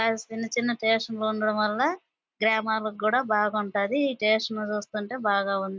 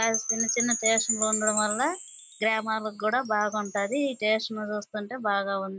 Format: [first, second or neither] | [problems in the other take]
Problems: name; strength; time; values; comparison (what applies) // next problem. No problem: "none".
first | background sound (Wind chime / Percussion); 5 dB below the speech